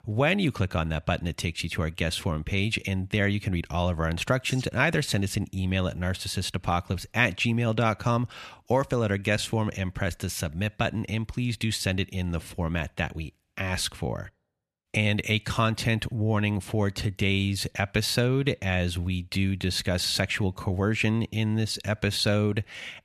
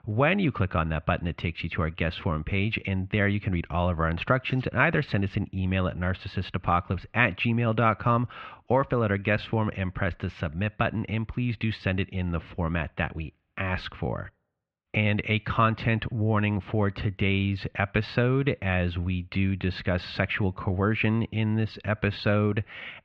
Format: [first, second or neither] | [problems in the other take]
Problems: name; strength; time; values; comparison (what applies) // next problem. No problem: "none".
first | muffled; very; fading above 3 kHz